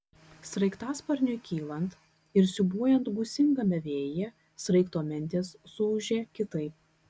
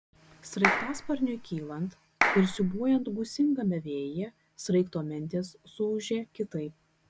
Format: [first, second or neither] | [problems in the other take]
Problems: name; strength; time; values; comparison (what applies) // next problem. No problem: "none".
first | background sound (Clapping); 1 dB below the speech